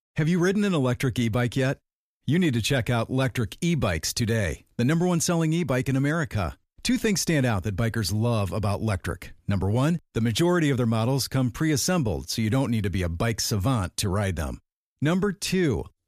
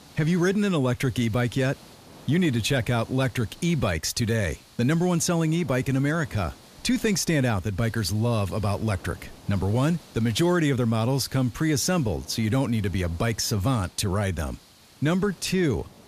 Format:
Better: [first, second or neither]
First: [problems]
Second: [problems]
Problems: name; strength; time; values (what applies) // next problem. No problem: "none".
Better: first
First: none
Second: hiss; faint; throughout; 25 dB below the speech